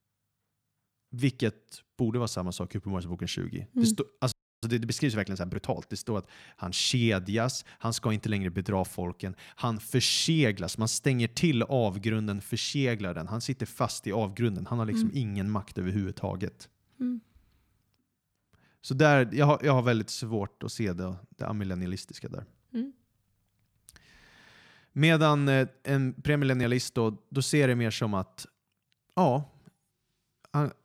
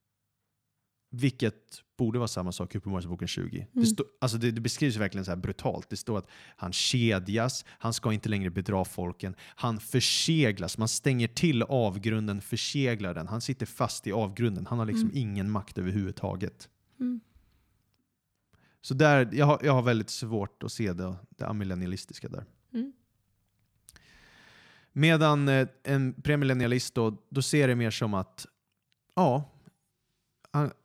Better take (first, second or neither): second